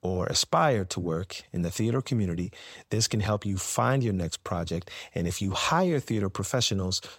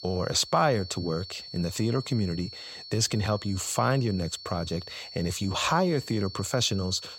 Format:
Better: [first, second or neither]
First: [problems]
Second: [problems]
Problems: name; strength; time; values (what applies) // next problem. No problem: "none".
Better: first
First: none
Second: high-pitched whine; noticeable; throughout; 4.5 kHz, 15 dB below the speech